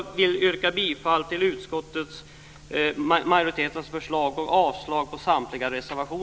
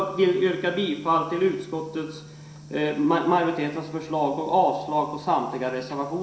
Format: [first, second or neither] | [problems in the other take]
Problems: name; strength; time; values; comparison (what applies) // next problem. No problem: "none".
first | room echo; dies away in 0.7 s